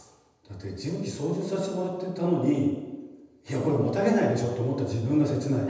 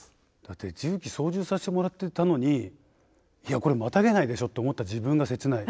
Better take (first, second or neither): second